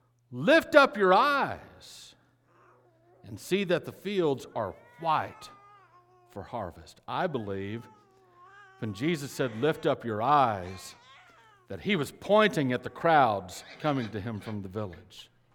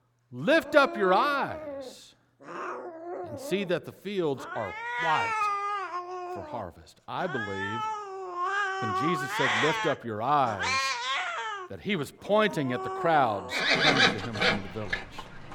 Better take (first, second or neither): first